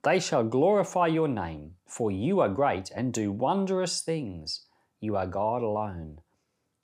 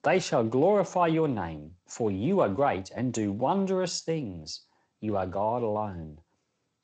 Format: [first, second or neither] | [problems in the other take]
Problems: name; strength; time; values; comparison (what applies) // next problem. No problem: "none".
first | garbled, watery; slightly; nothing above 7.5 kHz